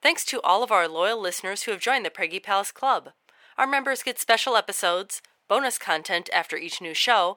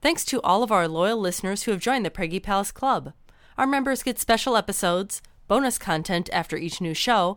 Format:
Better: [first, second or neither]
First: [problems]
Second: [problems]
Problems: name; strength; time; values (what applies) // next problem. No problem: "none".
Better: second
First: thin; somewhat; fading below 500 Hz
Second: none